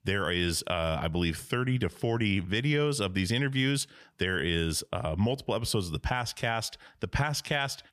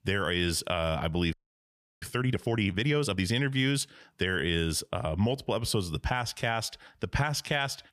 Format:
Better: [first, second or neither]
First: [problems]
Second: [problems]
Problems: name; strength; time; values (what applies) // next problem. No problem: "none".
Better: first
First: none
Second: audio freezing; at 1.5 s for 0.5 s